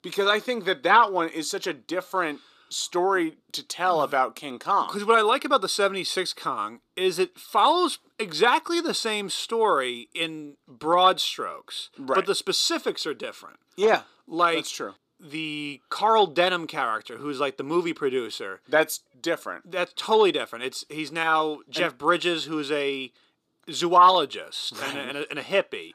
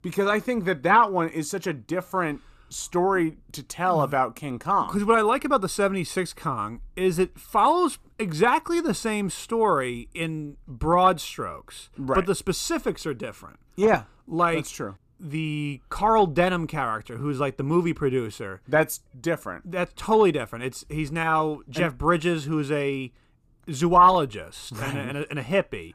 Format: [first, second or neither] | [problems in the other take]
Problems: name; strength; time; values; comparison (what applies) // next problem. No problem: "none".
second | thin; somewhat; fading below 350 Hz